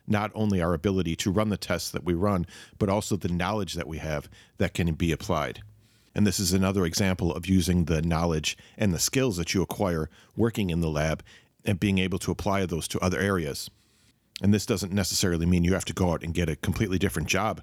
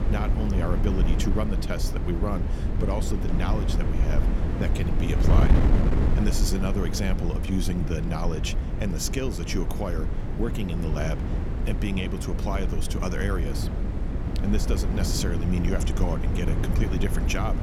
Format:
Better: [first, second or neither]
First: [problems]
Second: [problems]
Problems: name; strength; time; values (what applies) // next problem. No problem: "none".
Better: first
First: none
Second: wind noise on the microphone; heavy; 3 dB below the speech